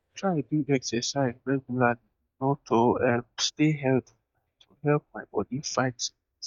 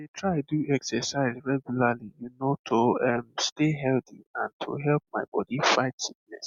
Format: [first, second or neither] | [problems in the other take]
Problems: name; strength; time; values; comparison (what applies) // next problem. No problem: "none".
second | noise reduction (neural mask model DeepFilterNet 3)